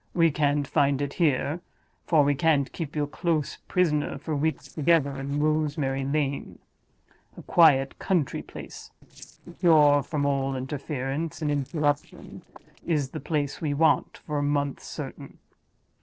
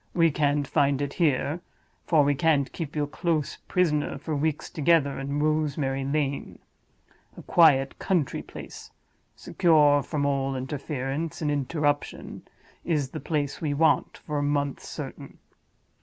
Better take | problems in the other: second | noise reduction (neural separator model SepFormer DNS4)

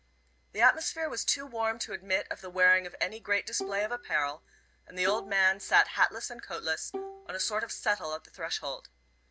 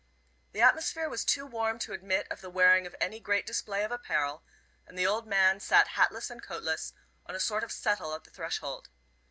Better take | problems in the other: second | background sound (Bowed string instrument); 13 dB below the speech

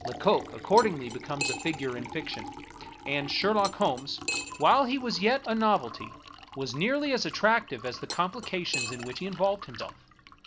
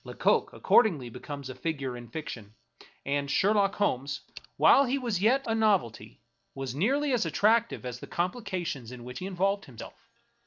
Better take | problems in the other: second | background sound (Liquid + Cutlery, silverware); 11 dB below the speech

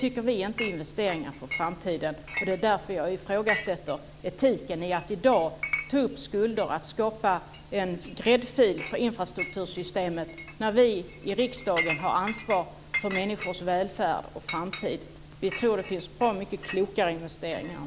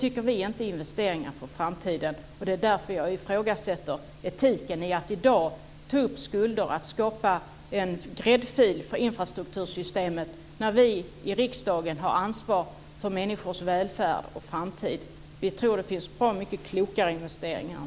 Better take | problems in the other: second | background sound (Chink, clink); 11 dB below the speech

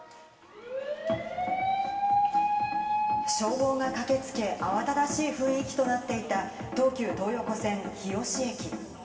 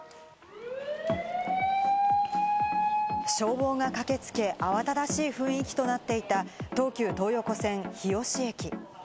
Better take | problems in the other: second | room echo; dies away in 2.7 s

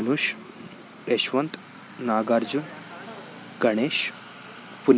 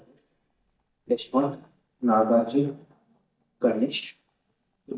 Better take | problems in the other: first | noise reduction (neural mask model DeepFilterNet 3)

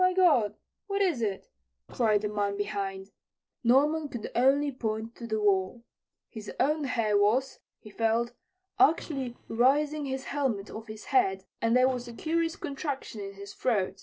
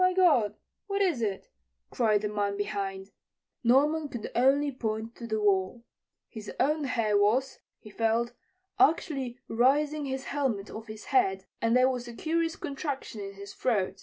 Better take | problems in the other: second | noise reduction (neural separator model SepFormer DNS4)

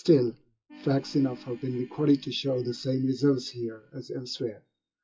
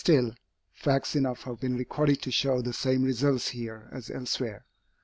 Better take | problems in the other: second | noise reduction (classical method WPE with log-MMSE)

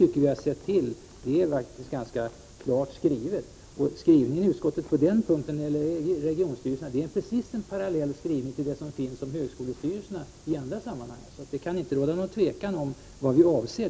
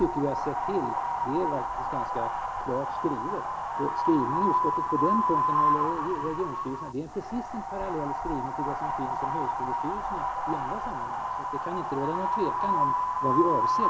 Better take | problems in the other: first | background sound (Wind); 3 dB above the speech

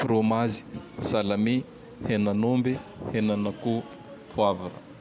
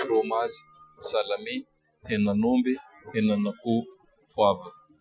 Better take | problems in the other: first | noise reduction (classical method Wiener filter)

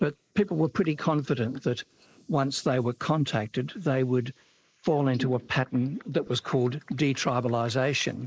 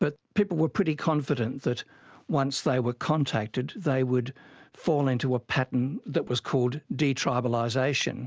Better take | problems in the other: second | noise reduction (neural mask model Resemble Enhance denoiser)

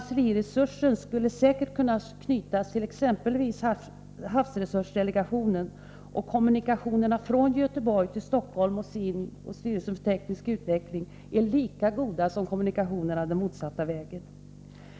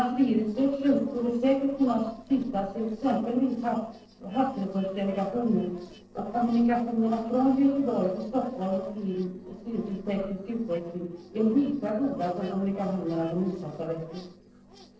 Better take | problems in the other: first | noise reduction (neural separator model SepFormer DNS4)

